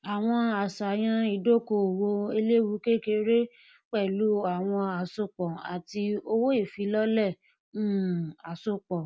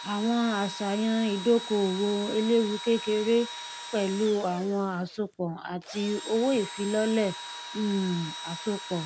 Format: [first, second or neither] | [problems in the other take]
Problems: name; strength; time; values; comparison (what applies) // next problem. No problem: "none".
first | background sound (Engine / Drill); 12 dB below the speech